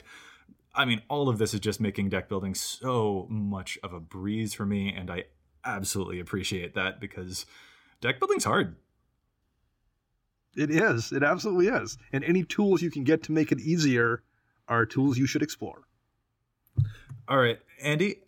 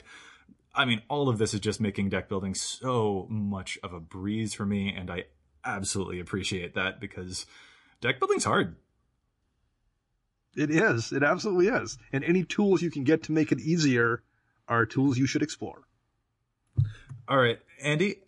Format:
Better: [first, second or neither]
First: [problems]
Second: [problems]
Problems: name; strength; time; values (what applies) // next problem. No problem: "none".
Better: first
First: none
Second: garbled, watery; slightly